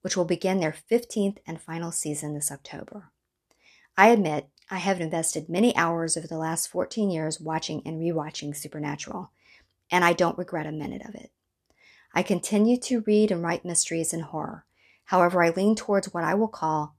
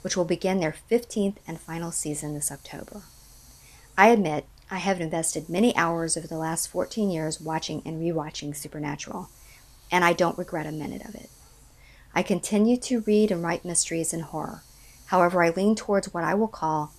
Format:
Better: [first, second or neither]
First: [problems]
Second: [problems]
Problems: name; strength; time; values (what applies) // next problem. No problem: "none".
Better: first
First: none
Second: hiss; faint; throughout; 25 dB below the speech